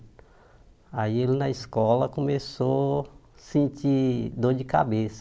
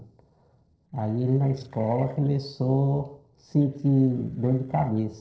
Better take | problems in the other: first | noise reduction (neural separator model SepFormer DNS4)

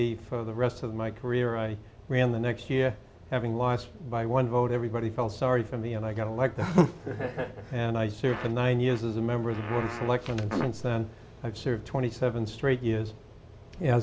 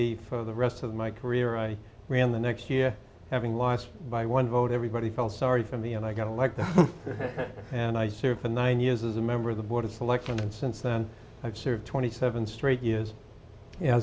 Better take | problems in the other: second | background sound (Fart); 10 dB below the speech

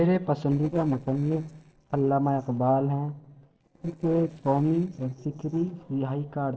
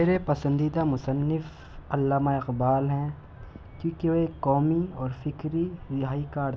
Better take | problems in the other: second | noise reduction (neural separator model SepFormer DNS4)

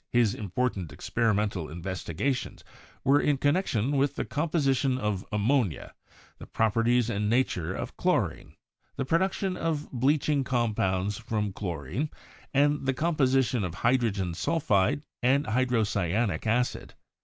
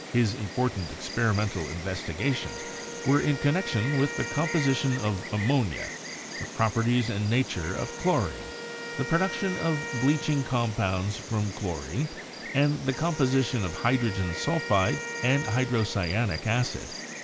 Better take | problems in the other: first | background sound (Insect + Wind instrument, woodwind instrument); 9 dB below the speech

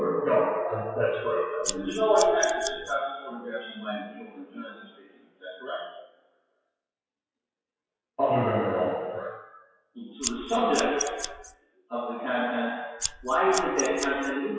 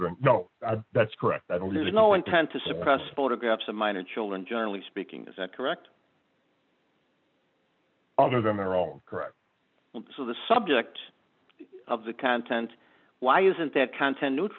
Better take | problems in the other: second | noise reduction (classical method WPE with log-MMSE)

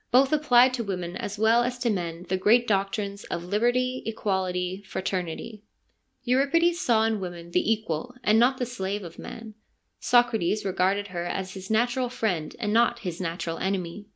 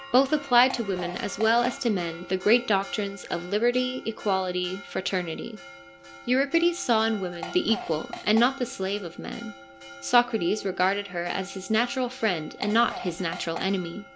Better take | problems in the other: first | background sound (Fart + Church bell); 15 dB below the speech

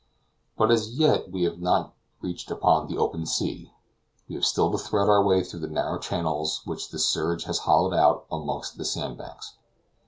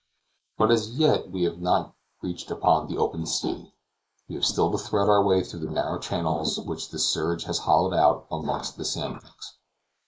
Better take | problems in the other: first | noise reduction (neural mask model Resemble Enhance denoiser)

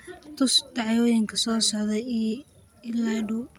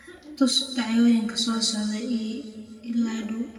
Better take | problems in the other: first | room echo; dies away in 1.8 s

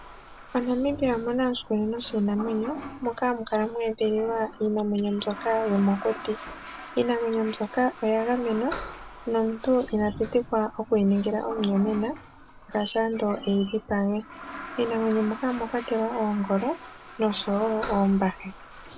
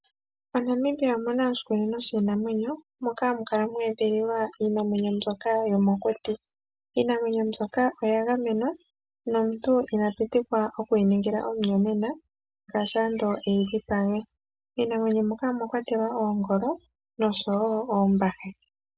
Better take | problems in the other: second | background sound (Toilet flush); 14 dB below the speech

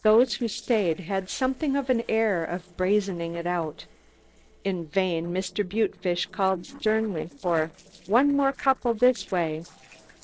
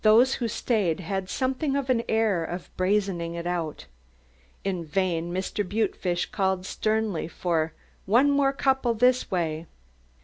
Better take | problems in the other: second | noise reduction (neural separator model SepFormer DNS4)

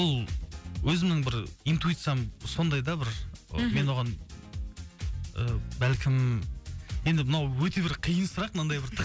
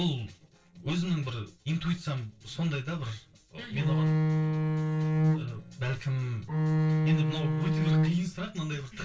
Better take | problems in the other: first | noise reduction (neural separator model SepFormer DNS4)

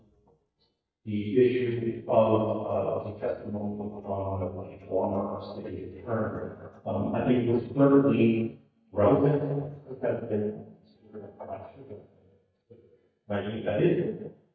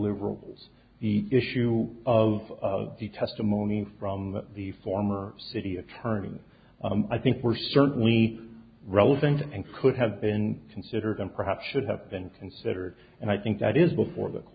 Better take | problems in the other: second | noise reduction (neural mask model DeepFilterNet 3)

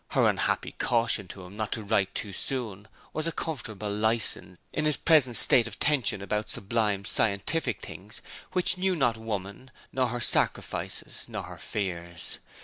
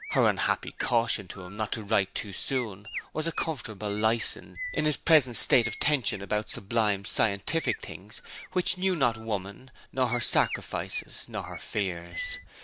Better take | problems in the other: first | background sound (Chirp, tweet); 13 dB below the speech

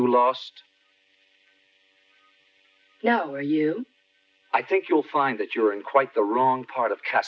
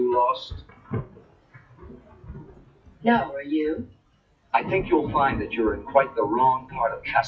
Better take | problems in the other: first | noise reduction (classical method WPE with log-MMSE)

